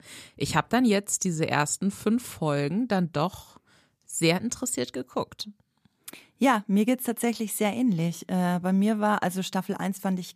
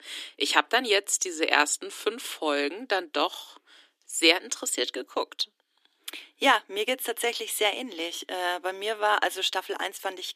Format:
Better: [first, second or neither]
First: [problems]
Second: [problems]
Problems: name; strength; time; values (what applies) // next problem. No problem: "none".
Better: first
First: none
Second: thin; very; fading below 300 Hz